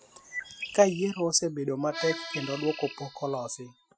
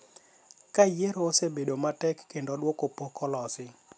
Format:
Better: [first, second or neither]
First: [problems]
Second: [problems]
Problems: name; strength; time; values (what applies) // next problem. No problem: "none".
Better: second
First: noise reduction (classical method Wiener filter)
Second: none